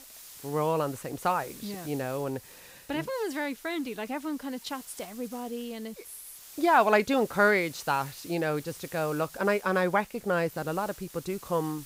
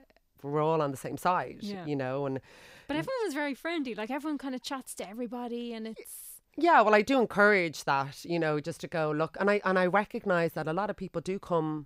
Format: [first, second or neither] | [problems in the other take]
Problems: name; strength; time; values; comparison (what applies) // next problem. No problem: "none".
second | hiss; noticeable; throughout; 20 dB below the speech